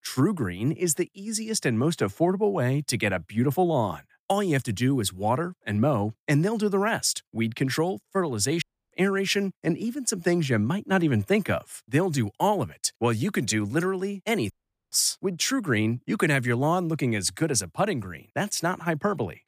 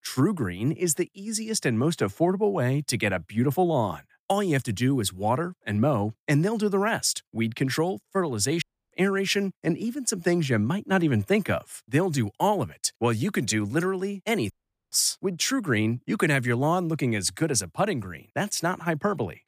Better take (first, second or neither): neither